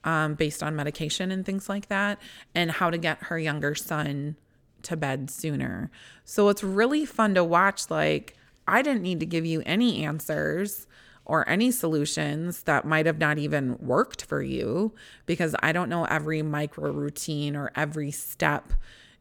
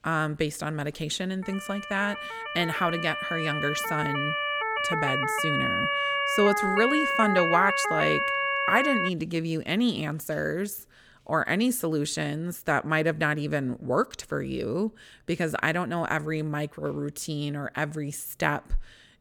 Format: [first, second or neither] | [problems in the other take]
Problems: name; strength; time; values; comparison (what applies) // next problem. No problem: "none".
first | siren; loud; from 1.5 to 9 s; peak 3 dB above the speech